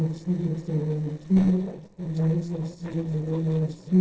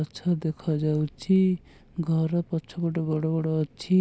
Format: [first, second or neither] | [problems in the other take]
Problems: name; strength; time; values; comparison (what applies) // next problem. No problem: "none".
second | noise reduction (neural separator model SepFormer DNS4)